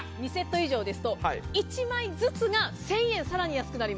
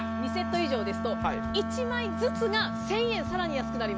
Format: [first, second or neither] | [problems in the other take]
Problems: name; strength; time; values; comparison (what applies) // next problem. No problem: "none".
first | background sound (Wind instrument, woodwind instrument); 2 dB below the speech